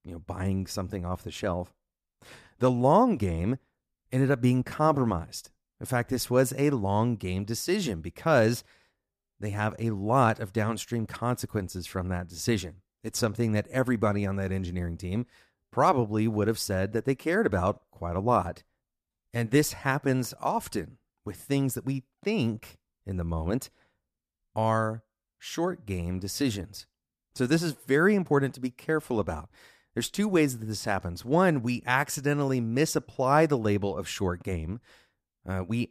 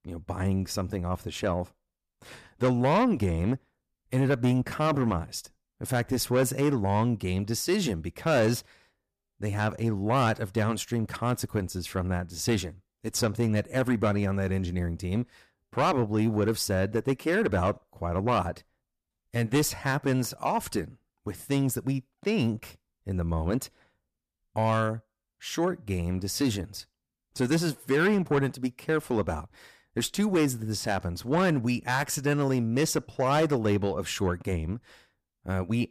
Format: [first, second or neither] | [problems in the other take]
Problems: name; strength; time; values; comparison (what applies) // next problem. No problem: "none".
first | distortion; slight; 10 dB below the speech